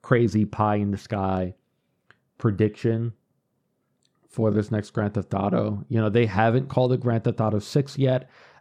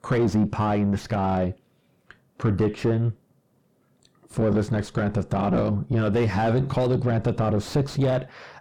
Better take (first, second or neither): first